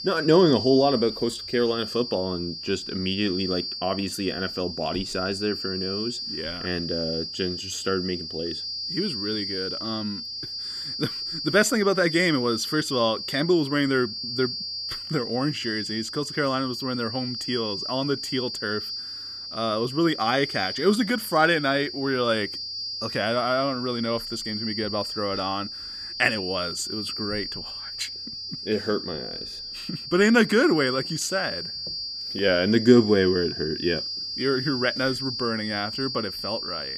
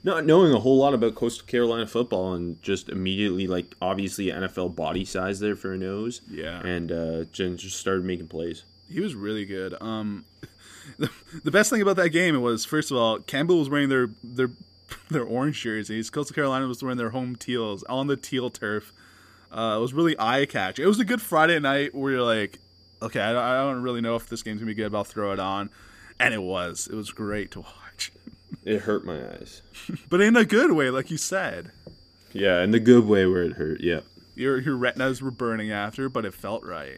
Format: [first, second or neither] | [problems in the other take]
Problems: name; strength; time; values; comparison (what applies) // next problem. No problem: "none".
second | high-pitched whine; loud; throughout; 4.5 kHz, 5 dB below the speech; faint in the second